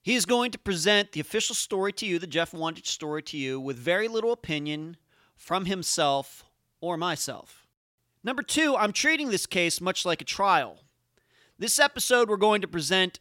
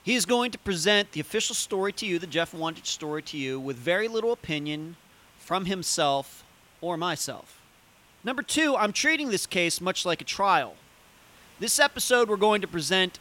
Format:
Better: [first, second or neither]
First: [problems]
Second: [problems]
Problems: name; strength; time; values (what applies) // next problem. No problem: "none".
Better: first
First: none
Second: hiss; faint; throughout; 30 dB below the speech